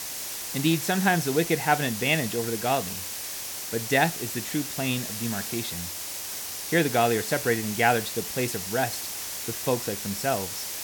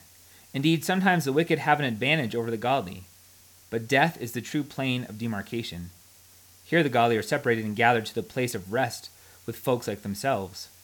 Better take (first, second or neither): second